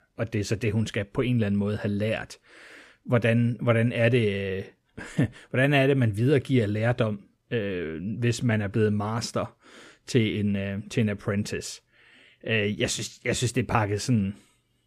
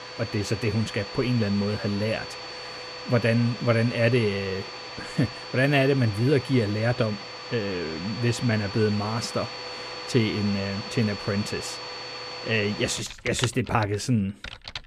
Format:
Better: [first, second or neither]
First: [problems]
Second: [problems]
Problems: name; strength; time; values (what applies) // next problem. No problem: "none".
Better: first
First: none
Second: household noises; loud; throughout; 10 dB below the speech